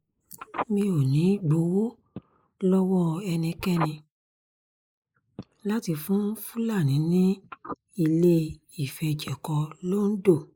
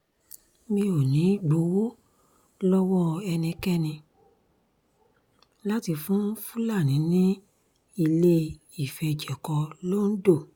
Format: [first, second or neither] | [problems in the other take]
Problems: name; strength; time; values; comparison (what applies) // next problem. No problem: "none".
second | noise reduction (neural mask model Resemble Enhance denoiser)